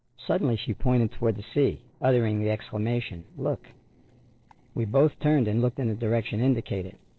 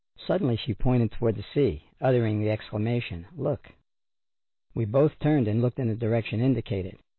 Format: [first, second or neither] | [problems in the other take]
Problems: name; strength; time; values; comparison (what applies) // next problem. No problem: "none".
second | noise reduction (neural separator model SepFormer DNS4)